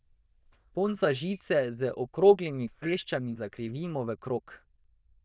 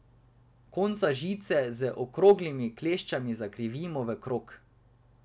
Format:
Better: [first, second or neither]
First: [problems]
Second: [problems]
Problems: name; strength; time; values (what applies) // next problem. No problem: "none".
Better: second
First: noise reduction (neural diffusion model UNIVERSE++)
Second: none